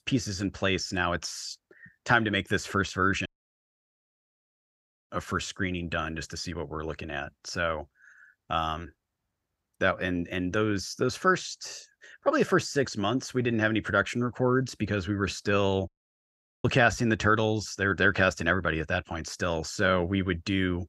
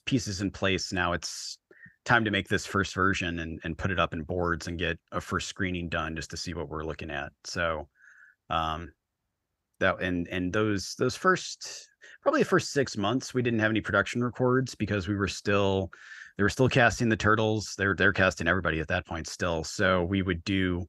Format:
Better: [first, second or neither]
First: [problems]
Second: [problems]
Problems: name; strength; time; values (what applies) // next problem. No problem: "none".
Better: second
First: audio cutting out; at 3.5 s for 2 s and at 16 s for 1 s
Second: none